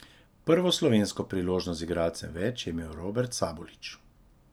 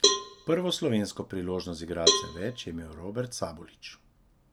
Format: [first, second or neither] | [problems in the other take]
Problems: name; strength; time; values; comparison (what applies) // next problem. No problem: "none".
first | background sound (Cowbell); 1 dB above the speech